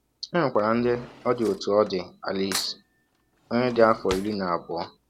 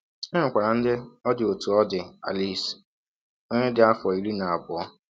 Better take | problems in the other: second | background sound (Cutlery, silverware / Drawer open or close); 17 dB below the speech

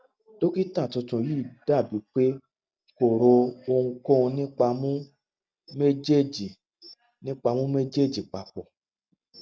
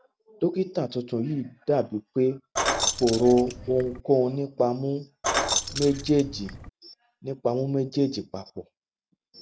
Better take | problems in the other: first | background sound (Keys jangling); 3 dB below the speech

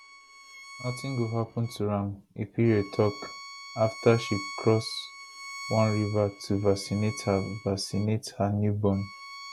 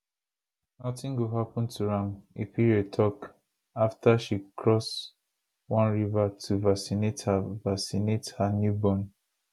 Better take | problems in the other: second | background sound (Bowed string instrument); 15 dB below the speech

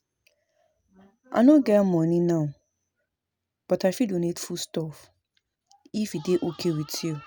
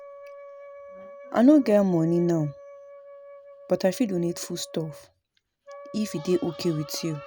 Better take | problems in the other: first | background sound (Wind instrument, woodwind instrument); 18 dB below the speech

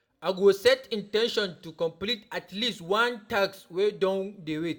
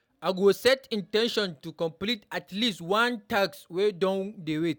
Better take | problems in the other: second | room echo; dies away in 0.3 s

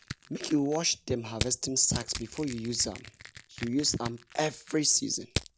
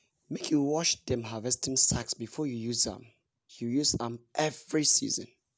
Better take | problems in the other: second | background sound (Crushing); 11 dB below the speech

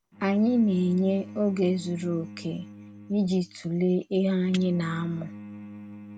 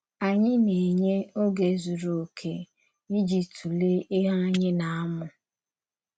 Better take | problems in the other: second | background sound (Bowed string instrument); 16 dB below the speech

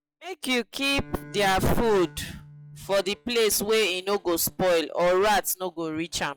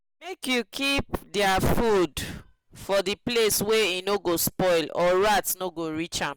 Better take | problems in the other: second | noise reduction (classical method log-MMSE)

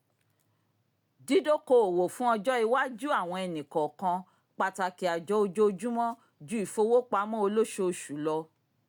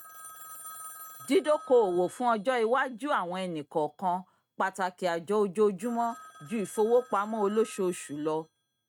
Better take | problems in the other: first | noise reduction (neural mask model RNNoise)

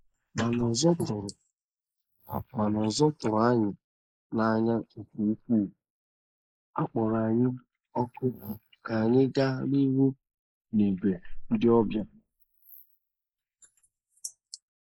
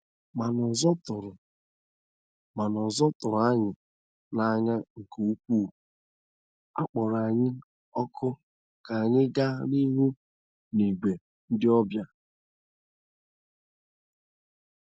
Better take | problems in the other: second | noise reduction (neural mask model Resemble Enhance denoiser)

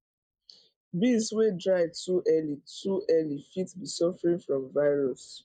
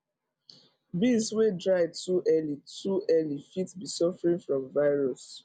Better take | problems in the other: second | noise reduction (neural mask model Resemble Enhance denoiser)

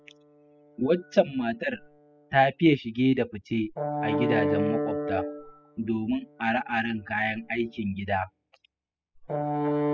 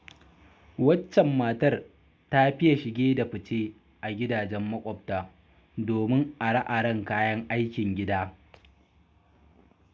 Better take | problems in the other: second | noise reduction (classical method spectral subtraction)

